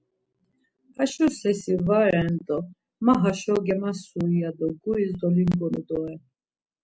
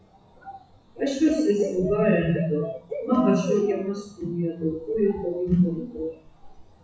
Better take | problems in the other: first | noise reduction (classical method WPE with log-MMSE)

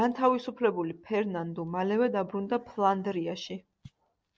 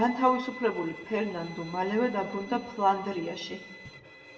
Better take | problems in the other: first | background sound (Bowed string instrument); 16 dB below the speech // room echo; dies away in 0.8 s

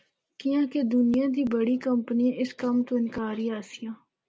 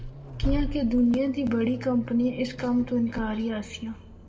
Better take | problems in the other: first | background sound (Accelerating, revving, vroom); 8 dB below the speech // room echo; dies away in 0.7 s

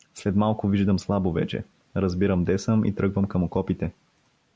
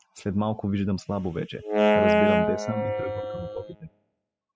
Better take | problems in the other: first | noise reduction (classical method spectral subtraction)

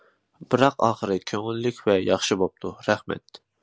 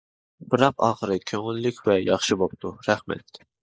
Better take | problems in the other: first | noise reduction (neural mask model Resemble Enhance denoiser)

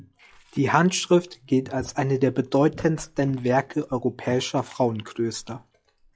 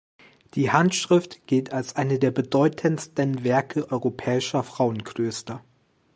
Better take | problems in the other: second | noise reduction (classical method log-MMSE)

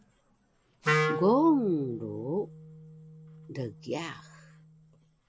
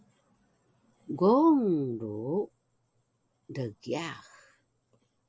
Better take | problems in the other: second | background sound (Wind instrument, woodwind instrument); 5 dB below the speech

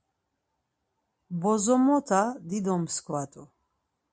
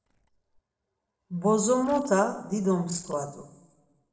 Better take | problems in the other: first | noise reduction (neural separator model SepFormer DNS4)

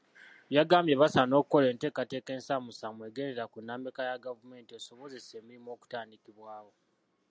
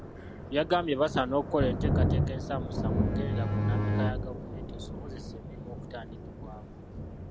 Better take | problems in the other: first | background sound (Bowed string instrument + Thunder); 3 dB above the speech

